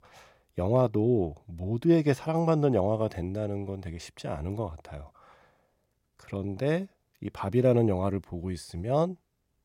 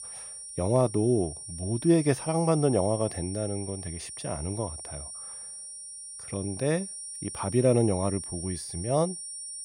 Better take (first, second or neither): first